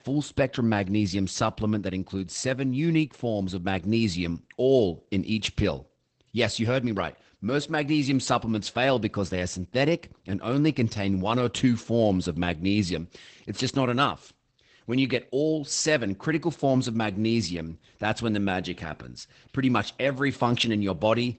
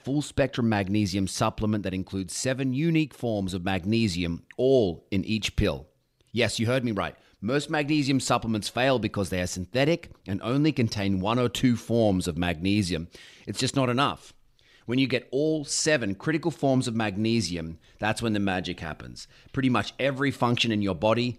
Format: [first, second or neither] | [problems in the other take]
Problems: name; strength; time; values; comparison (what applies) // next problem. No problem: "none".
second | garbled, watery; badly; nothing above 8 kHz